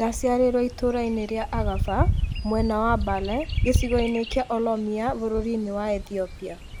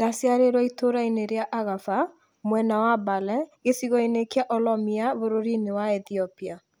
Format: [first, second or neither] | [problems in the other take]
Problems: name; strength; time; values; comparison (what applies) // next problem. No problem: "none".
second | background sound (Bird vocalization, bird call, bird song); 3 dB below the speech